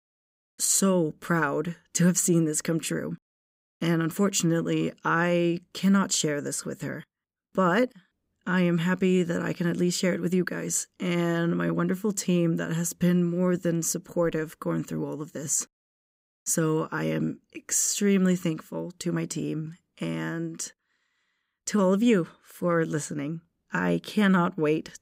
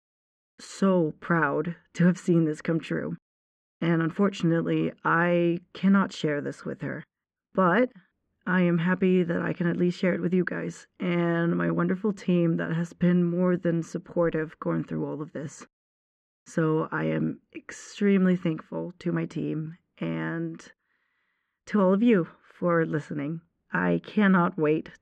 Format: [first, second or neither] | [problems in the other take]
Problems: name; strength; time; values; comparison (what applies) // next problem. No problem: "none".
first | muffled; very; fading above 2 kHz